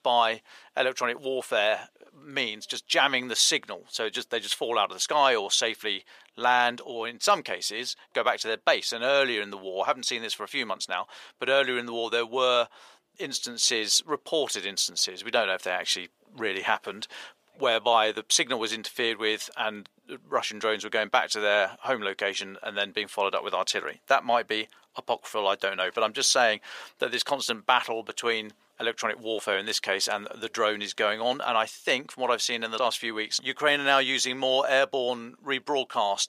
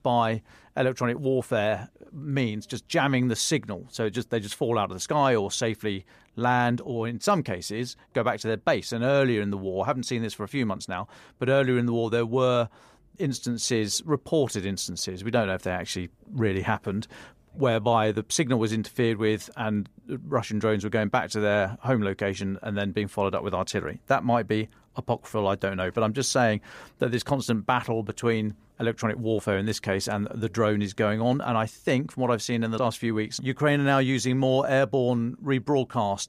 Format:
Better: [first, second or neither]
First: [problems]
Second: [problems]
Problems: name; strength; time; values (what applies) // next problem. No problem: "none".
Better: second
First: thin; very; fading below 550 Hz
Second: none